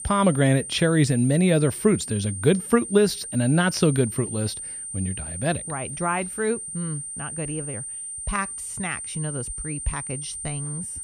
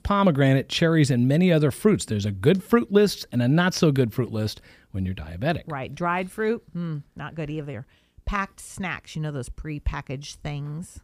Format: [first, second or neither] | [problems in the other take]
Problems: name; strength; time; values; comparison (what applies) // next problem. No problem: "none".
second | high-pitched whine; loud; throughout; 9 kHz, 7 dB below the speech